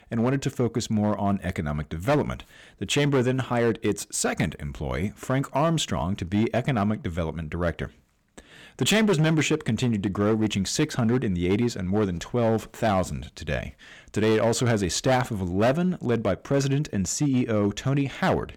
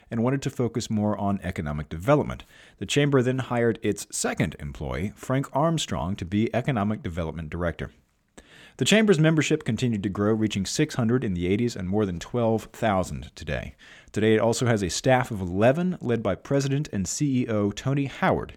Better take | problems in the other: second | distortion; slight; 6% of the sound clipped

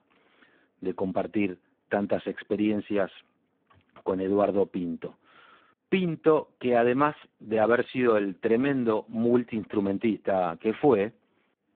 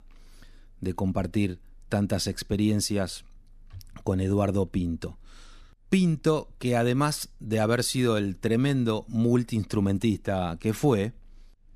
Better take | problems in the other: second | phone-call audio; poor line; nothing above 3.5 kHz

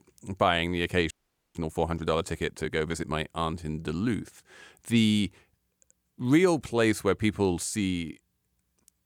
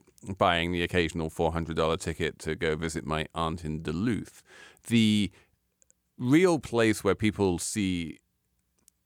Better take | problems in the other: second | audio freezing; at 1 s

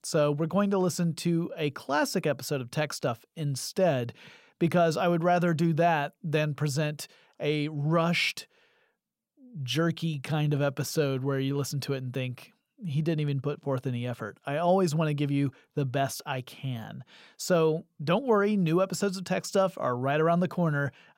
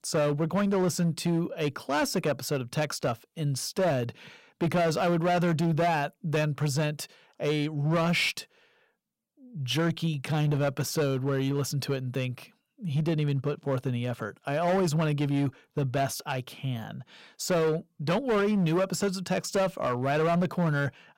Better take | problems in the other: first | distortion; slight; 10% of the sound clipped

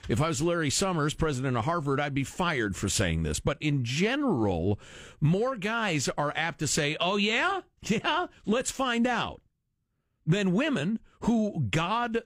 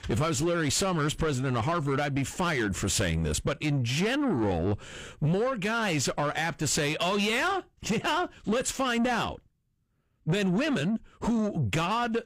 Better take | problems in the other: first | distortion; slight; 10 dB below the speech

